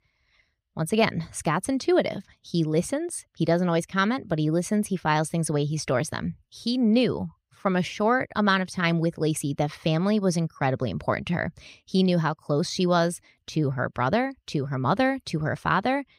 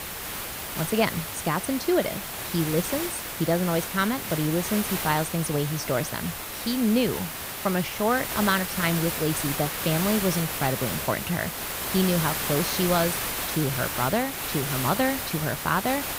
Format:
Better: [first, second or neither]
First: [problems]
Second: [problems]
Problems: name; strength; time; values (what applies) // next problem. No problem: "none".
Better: first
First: none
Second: hiss; loud; throughout; 3 dB below the speech